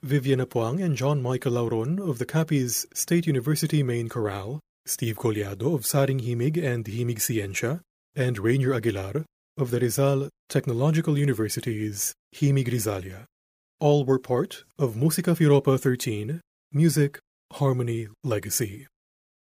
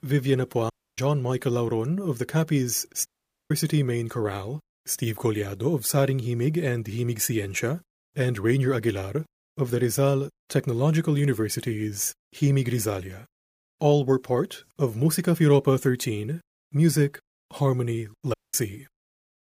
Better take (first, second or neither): first